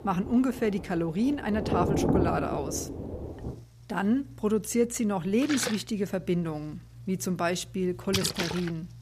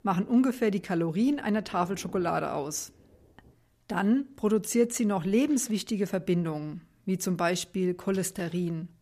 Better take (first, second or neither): second